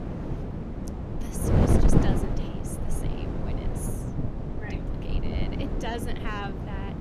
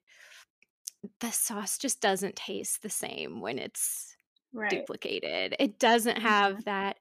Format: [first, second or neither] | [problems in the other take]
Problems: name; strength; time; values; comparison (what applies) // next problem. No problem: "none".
second | wind noise on the microphone; heavy; 4 dB above the speech